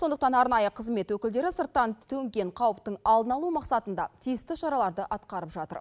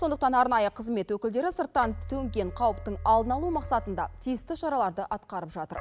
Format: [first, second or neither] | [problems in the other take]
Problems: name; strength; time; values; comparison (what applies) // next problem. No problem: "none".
first | background sound (Keyboard (musical)); 13 dB below the speech